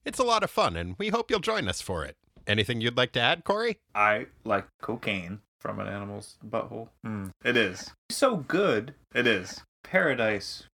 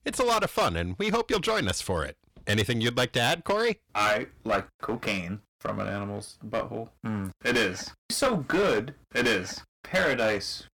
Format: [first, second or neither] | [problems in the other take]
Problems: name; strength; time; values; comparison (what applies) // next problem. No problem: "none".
first | distortion; heavy; 8% of the sound clipped